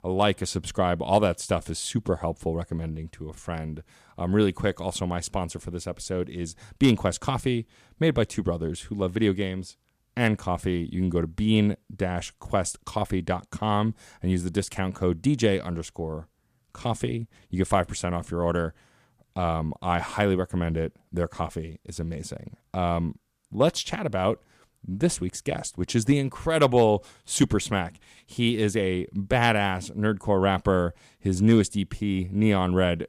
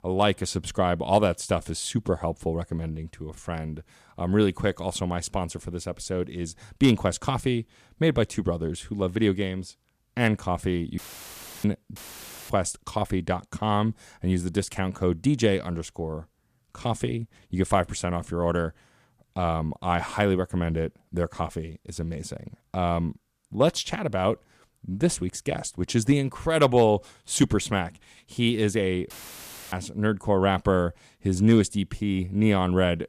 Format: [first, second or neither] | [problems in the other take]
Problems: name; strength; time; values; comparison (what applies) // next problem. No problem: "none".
first | audio cutting out; filled with static; at 11 s for 0.5 s, at 12 s for 0.5 s and at 29 s for 0.5 s